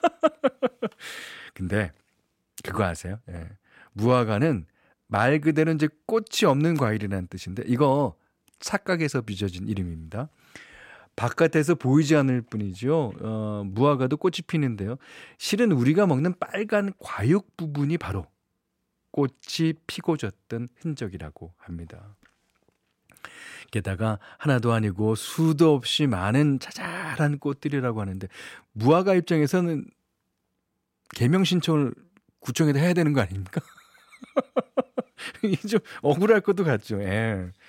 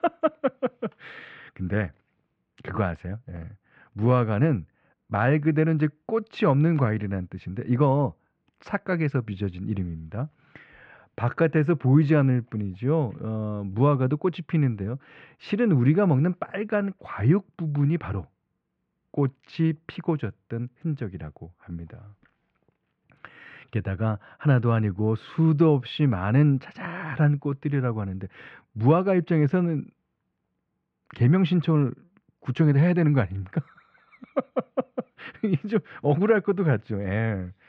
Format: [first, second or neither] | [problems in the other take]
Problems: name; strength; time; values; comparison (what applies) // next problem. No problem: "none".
first | muffled; very; fading above 2.5 kHz